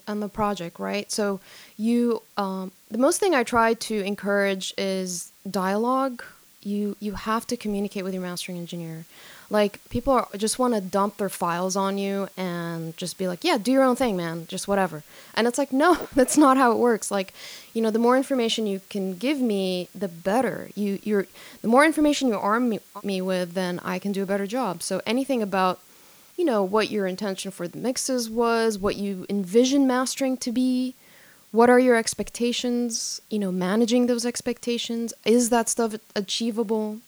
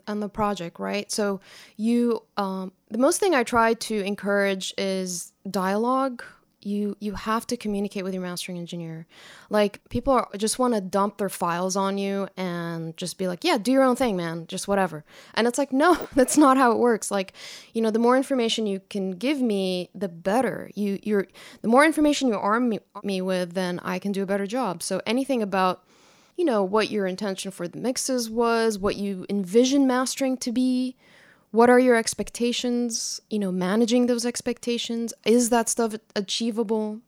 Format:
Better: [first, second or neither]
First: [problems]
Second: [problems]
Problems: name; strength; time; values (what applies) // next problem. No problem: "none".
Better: second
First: hiss; faint; throughout; 25 dB below the speech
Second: none